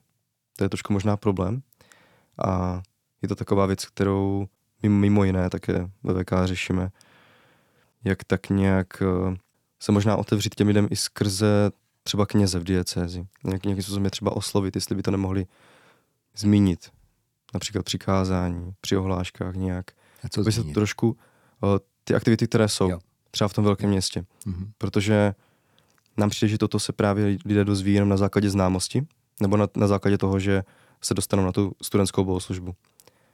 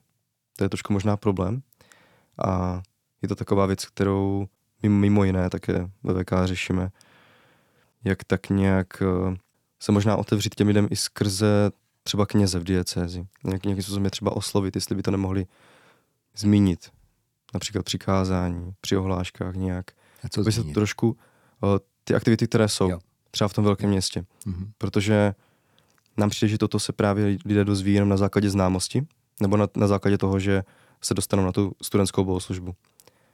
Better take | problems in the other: neither | none

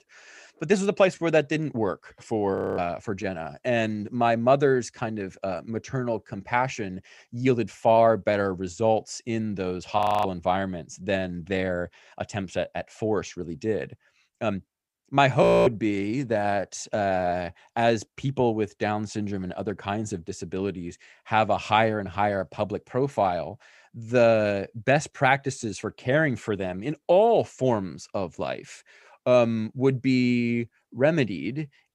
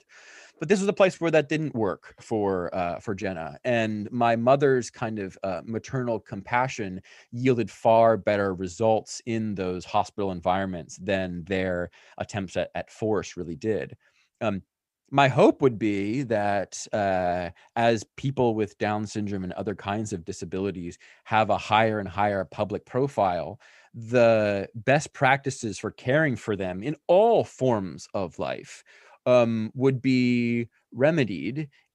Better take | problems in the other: second | audio freezing; at 2.5 s, at 10 s and at 15 s

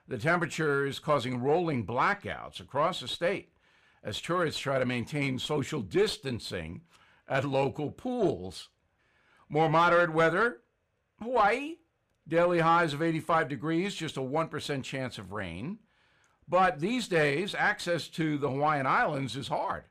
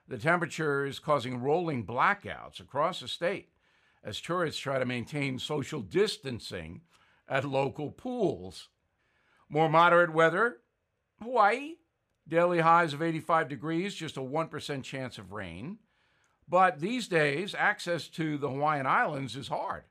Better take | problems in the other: second | distortion; slight; 10 dB below the speech

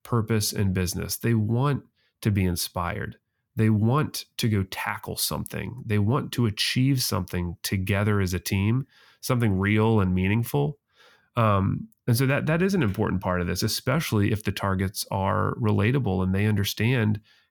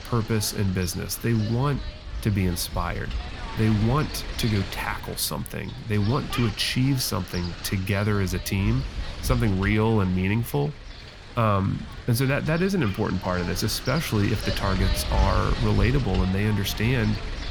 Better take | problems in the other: first | wind noise on the microphone; heavy; 8 dB below the speech

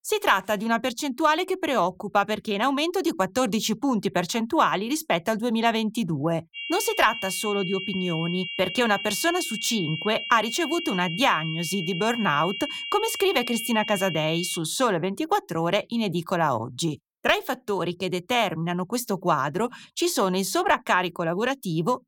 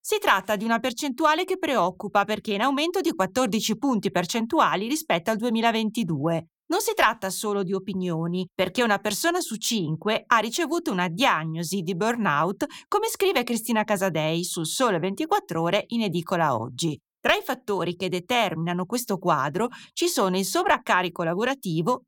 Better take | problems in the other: second | high-pitched whine; loud; from 6.5 to 15 s; 3 kHz, 6 dB below the speech

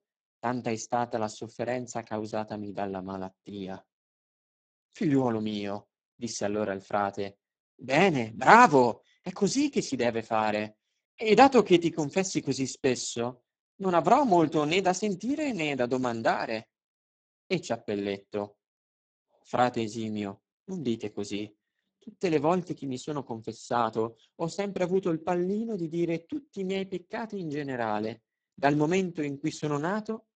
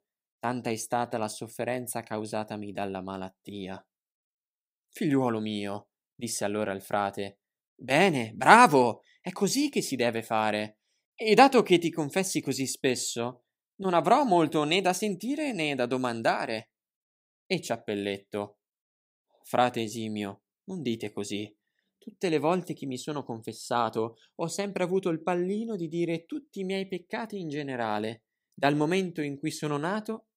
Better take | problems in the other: second | garbled, watery; badly; nothing above 7.5 kHz

